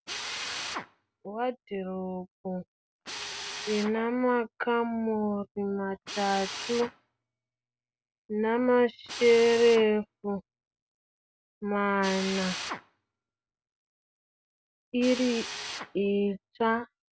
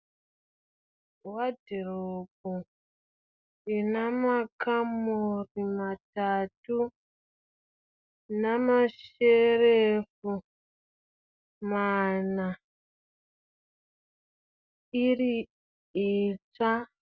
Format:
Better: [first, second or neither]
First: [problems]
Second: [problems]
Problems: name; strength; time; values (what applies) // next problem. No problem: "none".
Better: second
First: background sound (Drill); 12 dB below the speech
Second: none